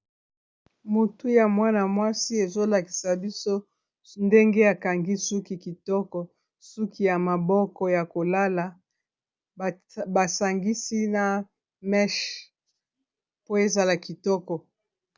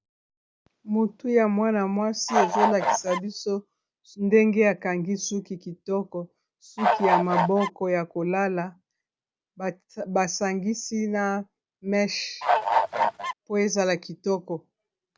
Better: first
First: none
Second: background sound (Bird / Fowl); 3 dB above the speech

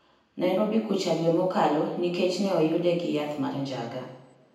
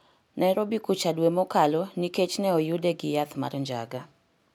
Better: second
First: room echo; dies away in 0.9 s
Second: none

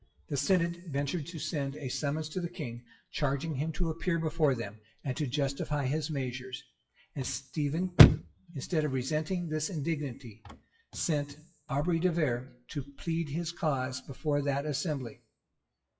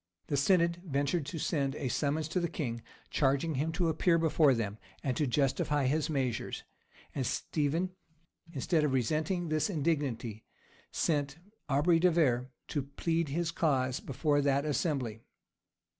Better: second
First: noise reduction (classical method WPE with log-MMSE)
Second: none

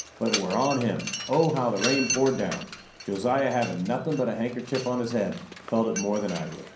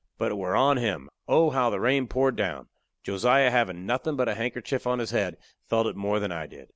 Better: second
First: background sound (Mechanisms); 10 dB below the speech // room echo; dies away in 0.6 s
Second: none

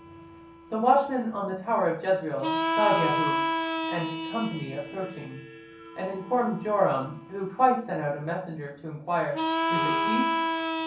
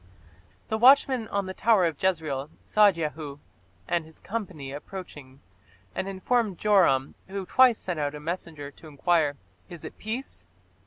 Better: second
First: background sound (Harmonica); 3 dB below the speech // room echo; dies away in 0.6 s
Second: none

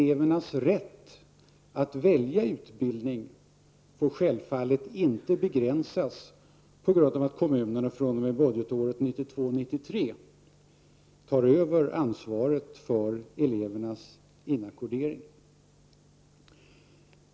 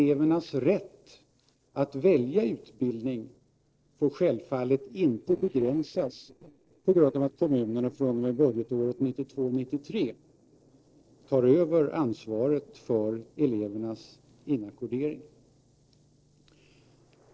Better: first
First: none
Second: noise reduction (neural separator model SepFormer DNS4)

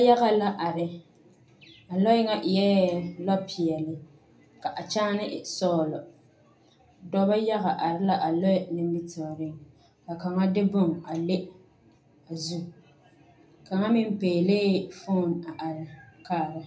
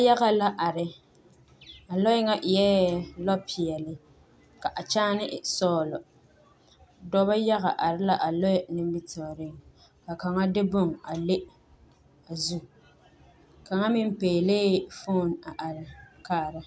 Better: second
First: room echo; dies away in 0.3 s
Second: none

